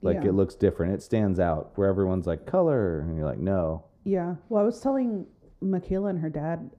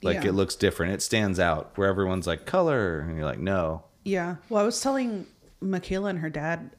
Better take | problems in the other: second | muffled; very; fading above 1.5 kHz

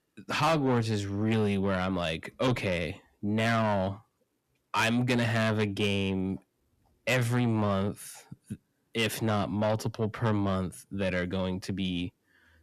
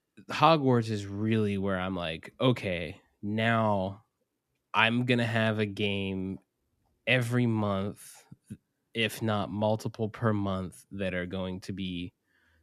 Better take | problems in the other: second | distortion; heavy; 8 dB below the speech

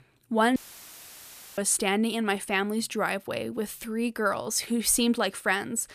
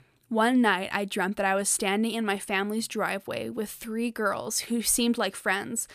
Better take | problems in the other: second | audio cutting out; filled with static; at 0.5 s for 1 s

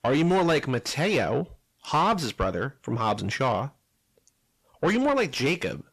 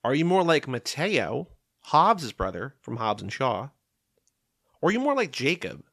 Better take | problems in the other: second | distortion; heavy; 7 dB below the speech

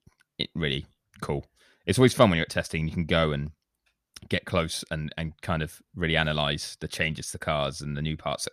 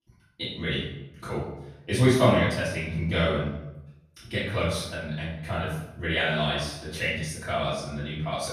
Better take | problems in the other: first | room echo; noticeable; dies away in 0.7 s // off-mic speech; far

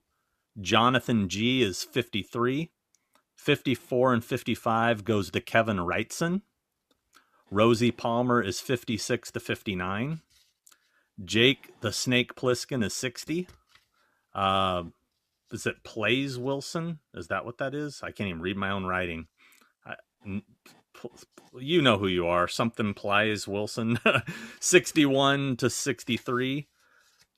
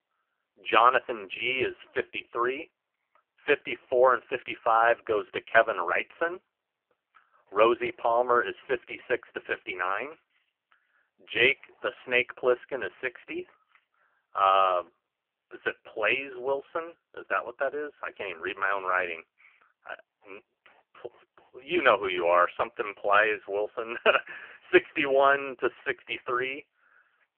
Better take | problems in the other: first | phone-call audio; poor line; nothing above 3 kHz

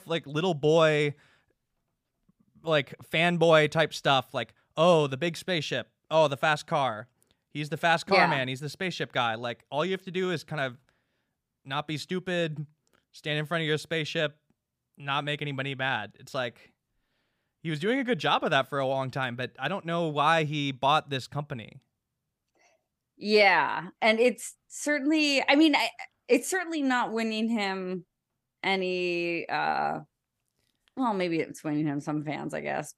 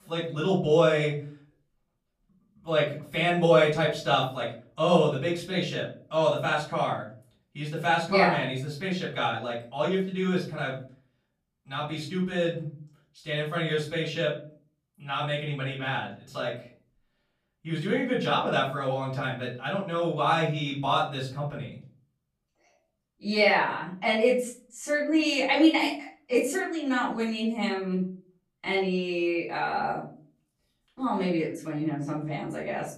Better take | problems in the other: first | off-mic speech; far // room echo; slight; dies away in 0.4 s

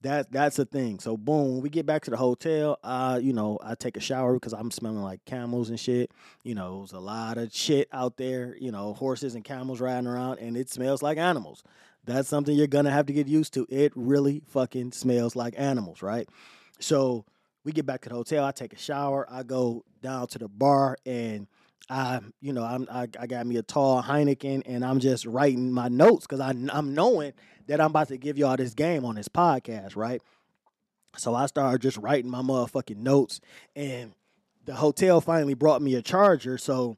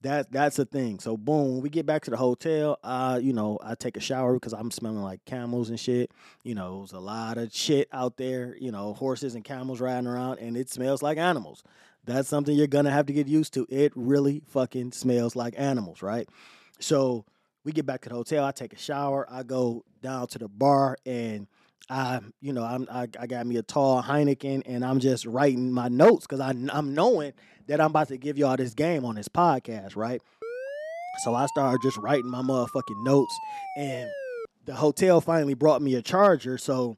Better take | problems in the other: first | siren; noticeable; from 30 to 34 s; peak 9 dB below the speech

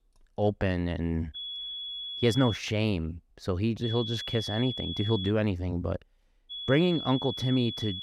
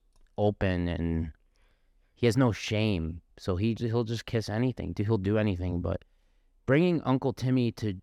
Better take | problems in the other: second | high-pitched whine; loud; from 1.5 to 2.5 s, from 4 to 5.5 s and from 6.5 s on; 3.5 kHz, 7 dB below the speech

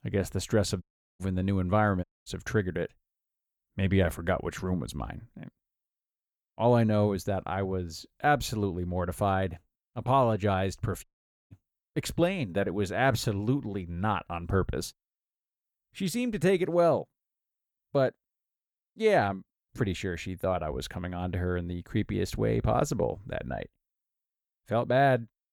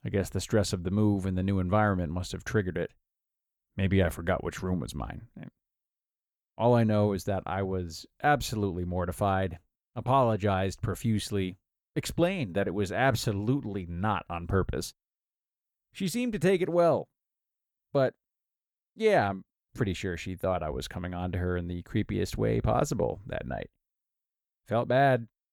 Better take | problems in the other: second | audio cutting out; at 1 s, at 2 s and at 11 s

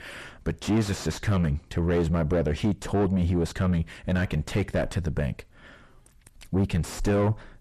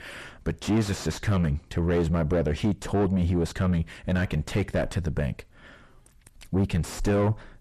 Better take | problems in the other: neither | distortion; heavy; 5 dB below the speech; the same in both

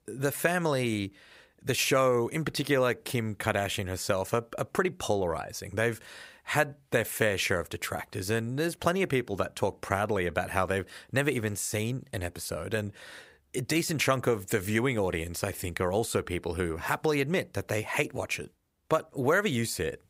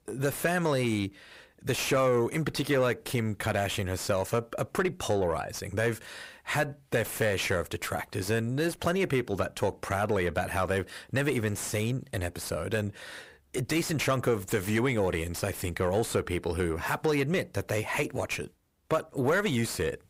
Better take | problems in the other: first | distortion; slight; 10 dB below the speech

